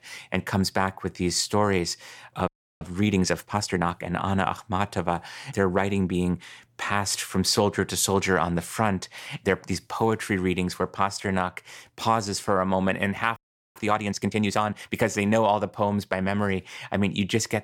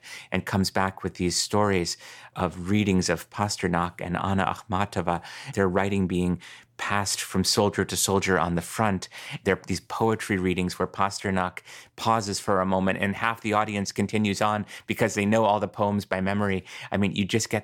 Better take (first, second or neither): second